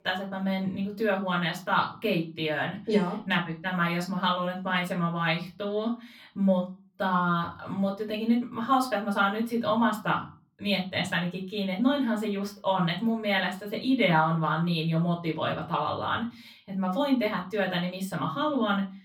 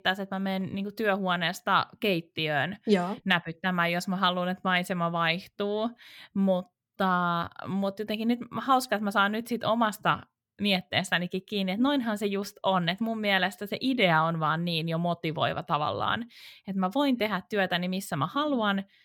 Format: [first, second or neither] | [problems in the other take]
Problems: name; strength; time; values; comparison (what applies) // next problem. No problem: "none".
second | off-mic speech; far // room echo; very slight; dies away in 0.3 s